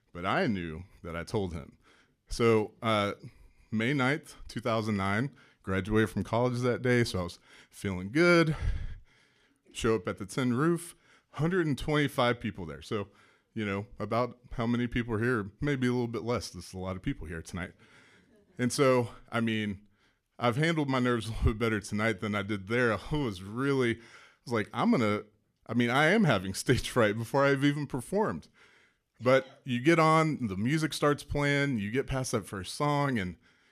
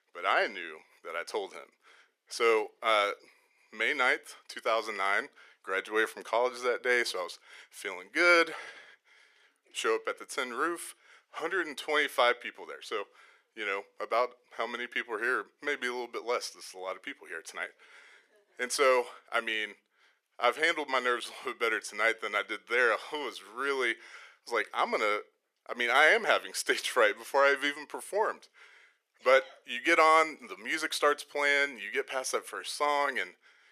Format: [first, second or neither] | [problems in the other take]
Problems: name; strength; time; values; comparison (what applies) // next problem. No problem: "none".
first | thin; very; fading below 450 Hz